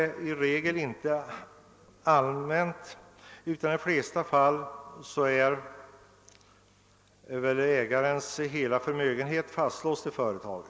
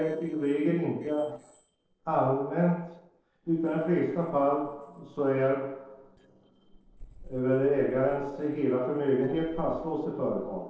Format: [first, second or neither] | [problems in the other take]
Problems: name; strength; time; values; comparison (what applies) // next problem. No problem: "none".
first | noise reduction (neural separator model SepFormer DNS4)